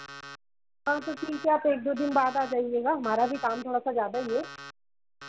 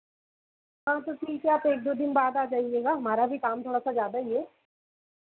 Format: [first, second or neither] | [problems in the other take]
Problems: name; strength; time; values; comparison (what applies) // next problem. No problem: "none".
second | background sound (Alarm); 17 dB below the speech